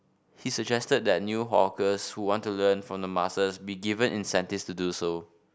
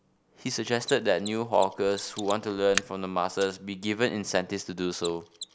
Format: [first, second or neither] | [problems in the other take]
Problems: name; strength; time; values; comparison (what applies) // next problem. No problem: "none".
first | background sound (Mechanisms); 13 dB below the speech